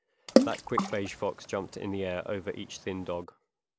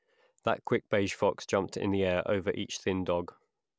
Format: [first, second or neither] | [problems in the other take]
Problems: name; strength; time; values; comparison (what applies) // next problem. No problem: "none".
second | background sound (Water / Splash, splatter); 4 dB above the speech